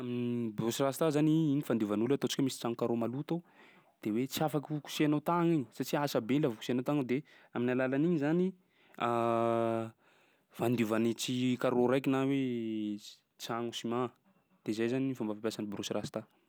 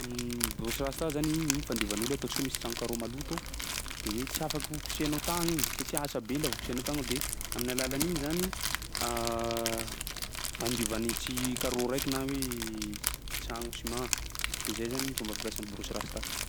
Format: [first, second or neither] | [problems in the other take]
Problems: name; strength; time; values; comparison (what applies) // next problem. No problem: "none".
first | background sound (Crumpling, crinkling); 1 dB below the speech